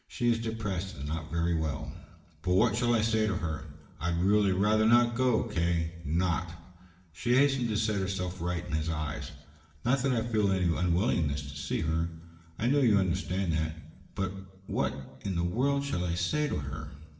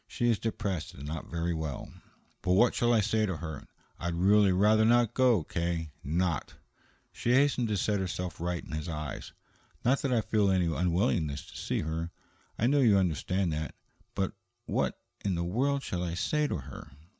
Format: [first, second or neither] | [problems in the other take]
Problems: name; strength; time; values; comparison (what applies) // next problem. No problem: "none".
second | room echo; dies away in 0.9 s